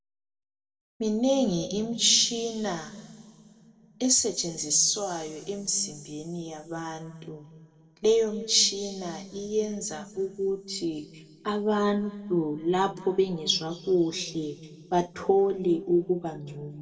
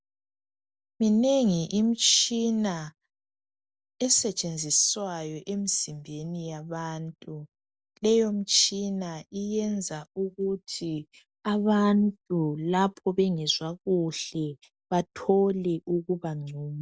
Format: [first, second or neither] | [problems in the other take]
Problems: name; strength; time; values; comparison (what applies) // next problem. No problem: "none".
second | room echo; dies away in 2 s